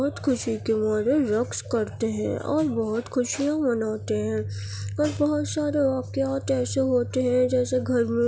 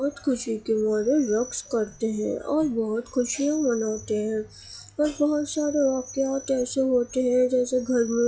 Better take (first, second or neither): first